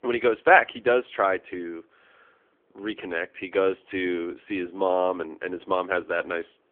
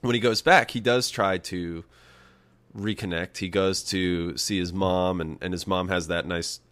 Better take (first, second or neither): second